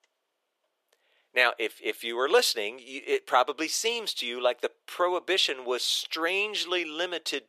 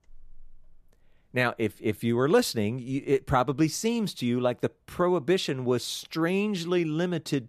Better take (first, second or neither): second